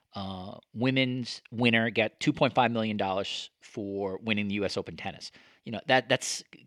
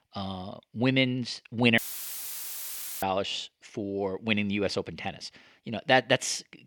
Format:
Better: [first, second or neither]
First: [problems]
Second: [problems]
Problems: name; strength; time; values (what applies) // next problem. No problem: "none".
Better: first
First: none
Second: audio cutting out; filled with static; at 2 s for 1 s